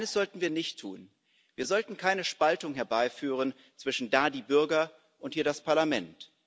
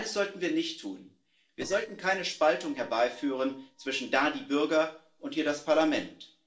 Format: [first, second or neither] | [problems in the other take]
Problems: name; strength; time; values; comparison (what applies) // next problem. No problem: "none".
first | noise reduction (neural separator model SepFormer DNS4)